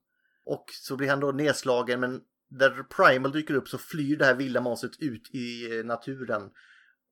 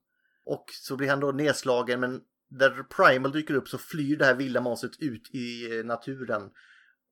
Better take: neither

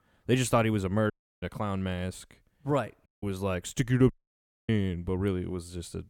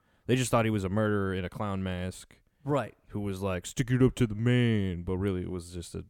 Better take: second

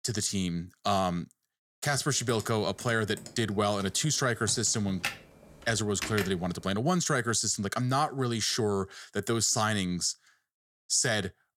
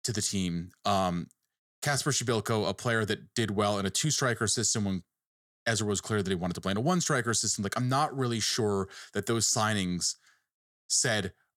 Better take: second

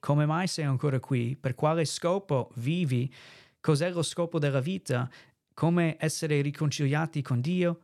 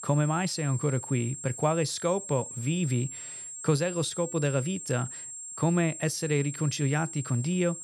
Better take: first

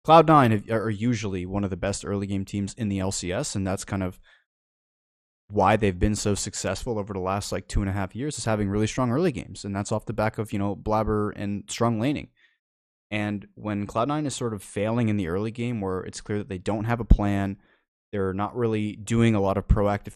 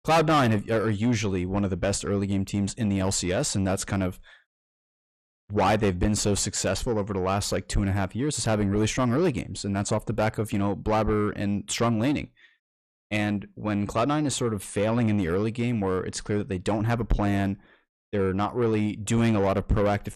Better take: first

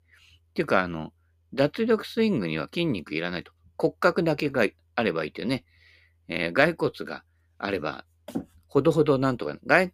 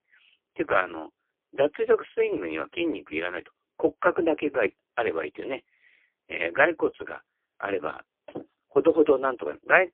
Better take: first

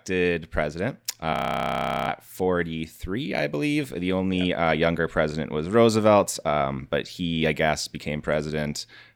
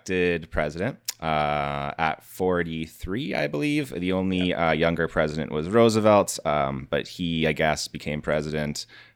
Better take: second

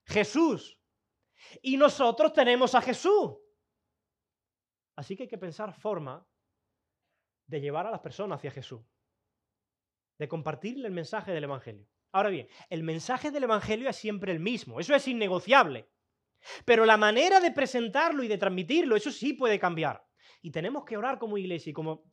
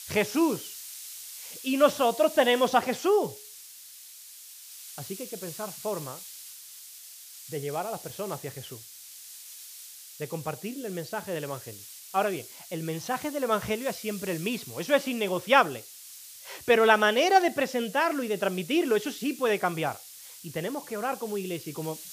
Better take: first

